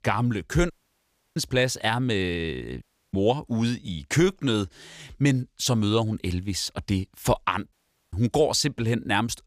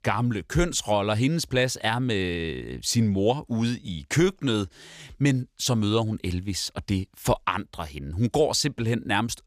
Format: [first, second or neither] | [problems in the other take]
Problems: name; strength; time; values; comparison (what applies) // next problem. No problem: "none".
second | audio cutting out; at 0.5 s for 0.5 s, at 3 s and at 7.5 s